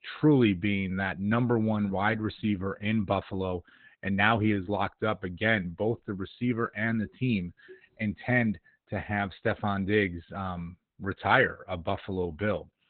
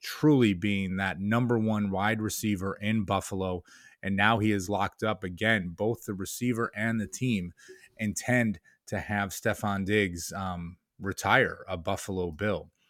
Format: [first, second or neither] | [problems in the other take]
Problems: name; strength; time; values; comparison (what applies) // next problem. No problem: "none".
second | garbled, watery; badly; nothing above 3.5 kHz